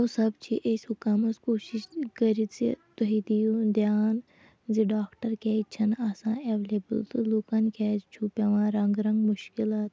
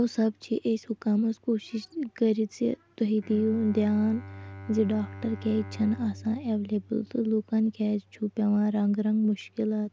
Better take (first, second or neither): first